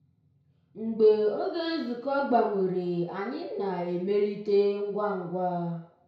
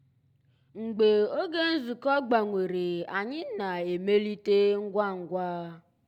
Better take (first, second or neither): second